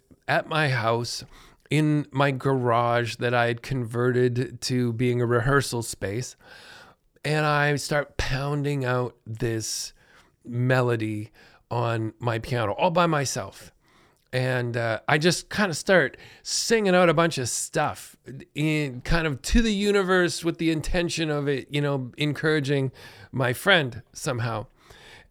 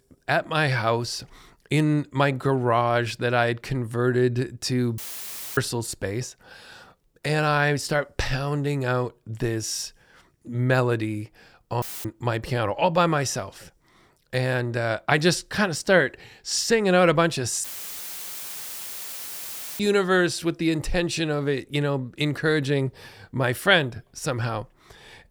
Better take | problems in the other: first | audio cutting out; filled with static; at 5 s for 0.5 s, at 12 s and at 18 s for 2 s

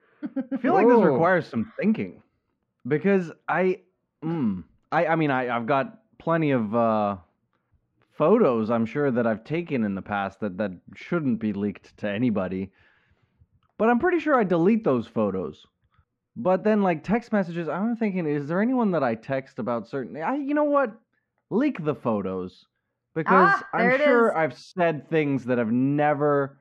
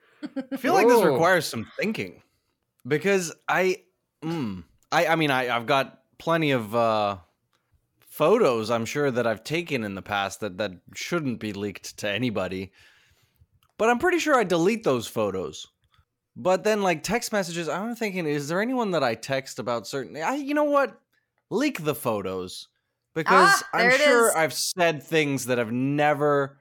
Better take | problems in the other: second | muffled; very; fading above 2 kHz

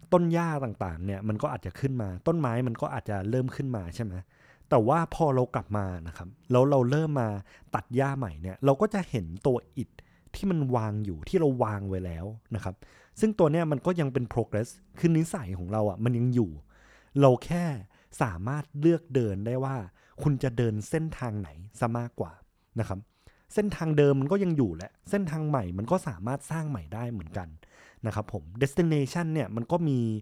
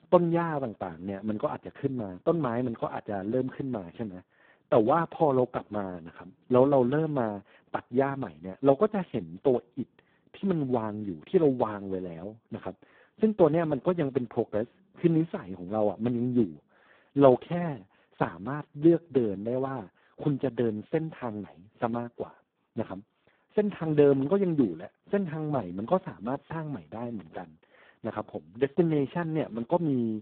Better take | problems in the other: first | phone-call audio; poor line; nothing above 3.5 kHz

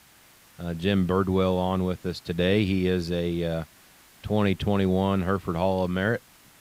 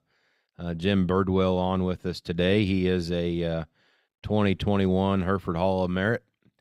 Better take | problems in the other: second | hiss; faint; throughout; 25 dB below the speech

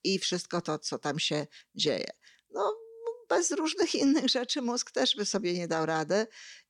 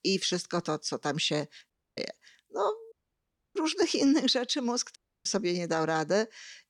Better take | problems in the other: first | audio cutting out; at 1.5 s, at 3 s for 0.5 s and at 5 s

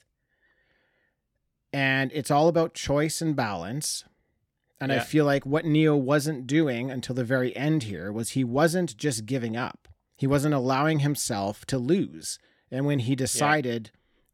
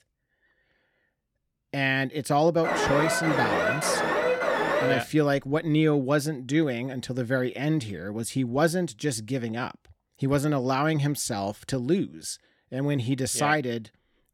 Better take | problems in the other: first | alarm; loud; from 2.5 to 5 s; peak 2 dB above the speech

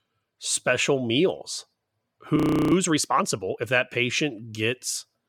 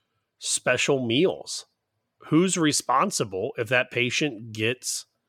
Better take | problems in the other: second | audio freezing; at 2.5 s

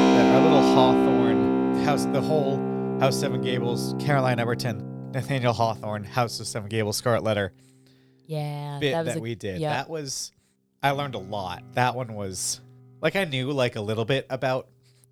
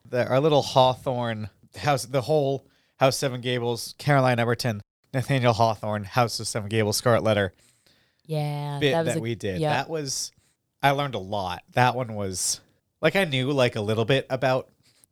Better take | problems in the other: second | background music; very loud; throughout; 3 dB above the speech

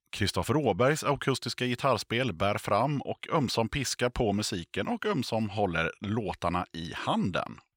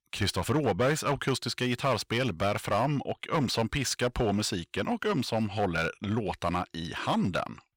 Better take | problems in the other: first | distortion; slight; 5% of the sound clipped

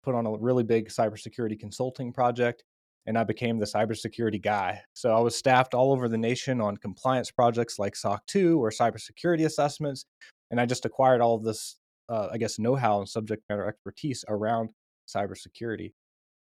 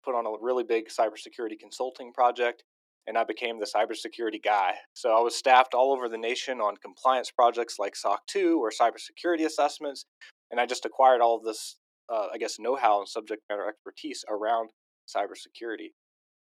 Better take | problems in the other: first | thin; very; fading below 300 Hz

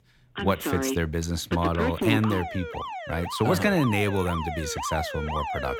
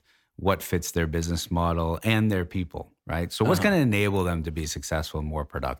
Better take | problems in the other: second | alarms or sirens; loud; throughout; 5 dB below the speech

